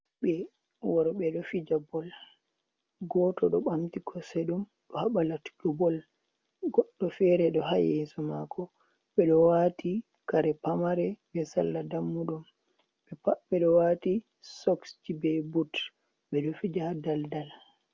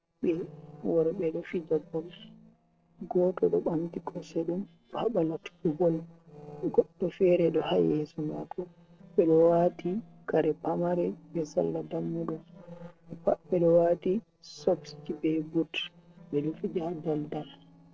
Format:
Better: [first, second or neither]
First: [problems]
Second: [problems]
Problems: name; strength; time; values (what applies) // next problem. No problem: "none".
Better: first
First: none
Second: noise reduction (neural separator model SepFormer DNS4)